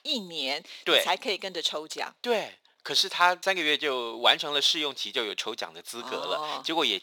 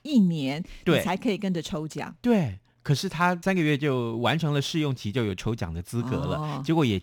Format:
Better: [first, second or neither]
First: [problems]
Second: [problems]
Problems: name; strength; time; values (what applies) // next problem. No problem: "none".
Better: second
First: thin; very; fading below 500 Hz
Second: none